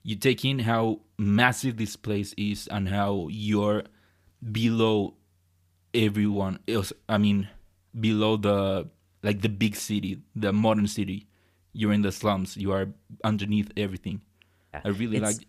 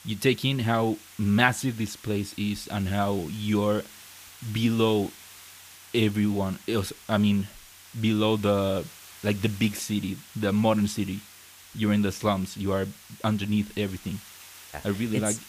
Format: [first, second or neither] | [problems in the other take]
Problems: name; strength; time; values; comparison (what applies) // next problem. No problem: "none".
first | hiss; noticeable; throughout; 20 dB below the speech